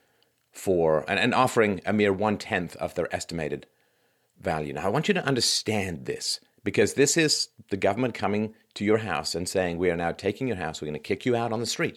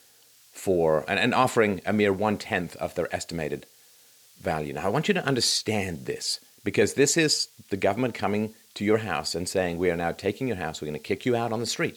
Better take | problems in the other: first | hiss; faint; throughout; 25 dB below the speech

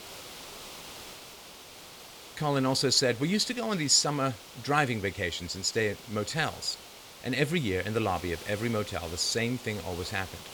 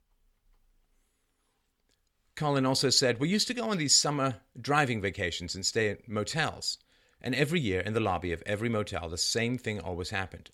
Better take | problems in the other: second | hiss; noticeable; throughout; 15 dB below the speech

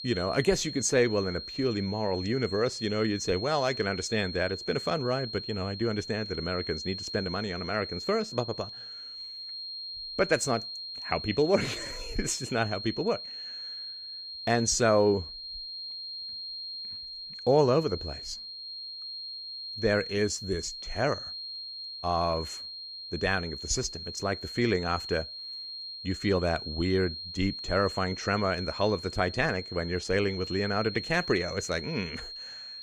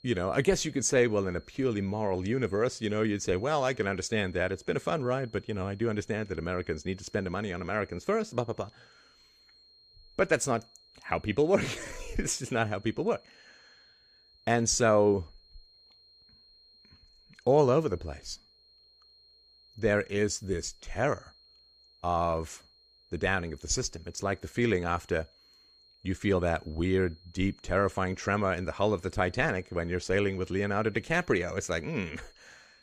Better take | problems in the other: second | high-pitched whine; loud; throughout; 4 kHz, 8 dB below the speech; faint in the second

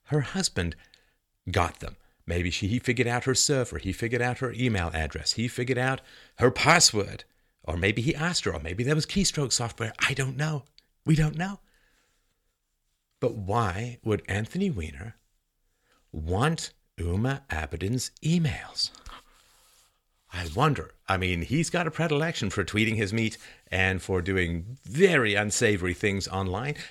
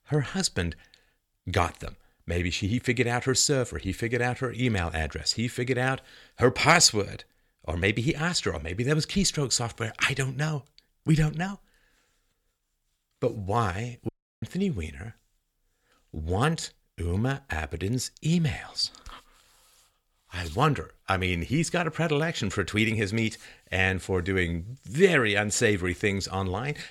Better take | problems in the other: first | audio cutting out; at 14 s

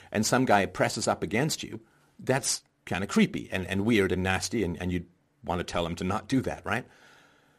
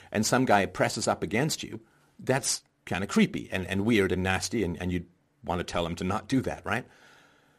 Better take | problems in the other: neither | none

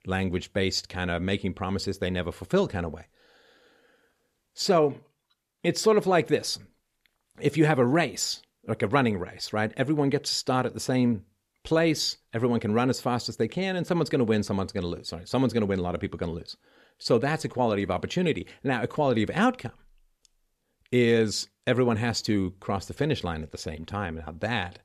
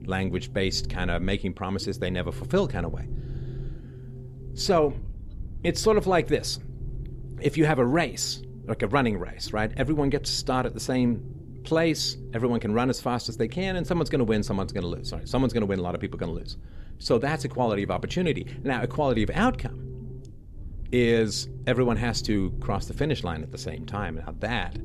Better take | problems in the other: first | low rumble; faint; throughout; 20 dB below the speech

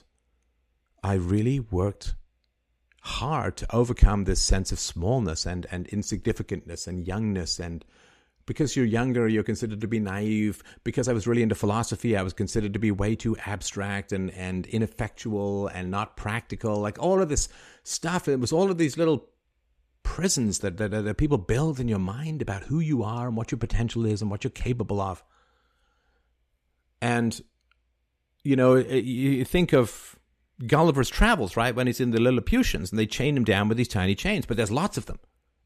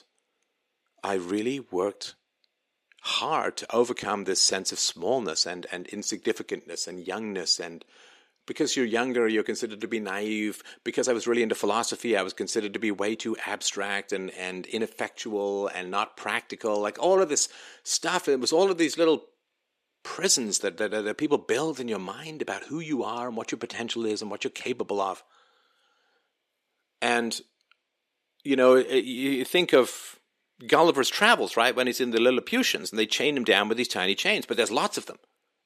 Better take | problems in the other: first | thin; somewhat; fading below 300 Hz

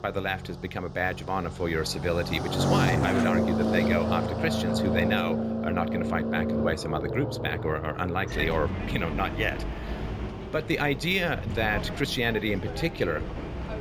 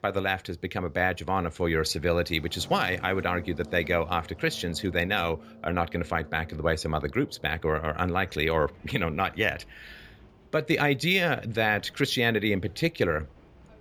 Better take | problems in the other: second | traffic noise; loud; throughout; 1 dB below the speech; faint in the second

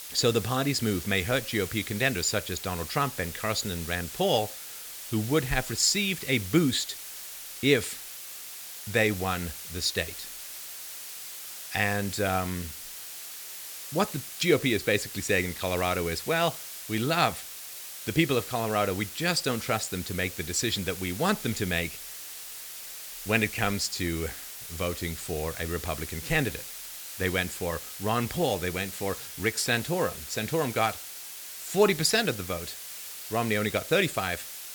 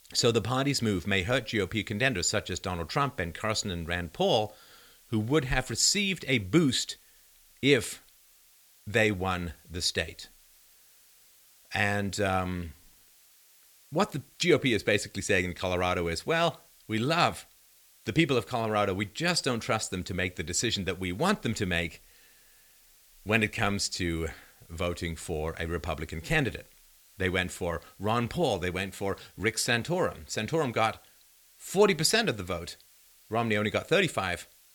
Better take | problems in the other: second | hiss; loud; throughout; 9 dB below the speech; faint in the second

